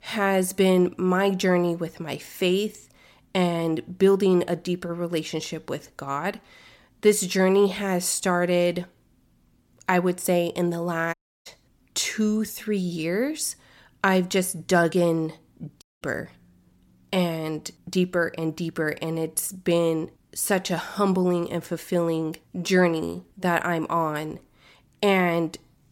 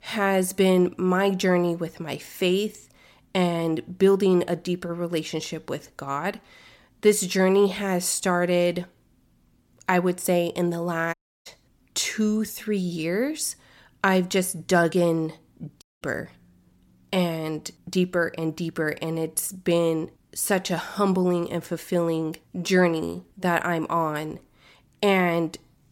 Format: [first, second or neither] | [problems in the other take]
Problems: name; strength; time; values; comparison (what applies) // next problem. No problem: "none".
neither | audio cutting out; at 11 s and at 16 s; the same in both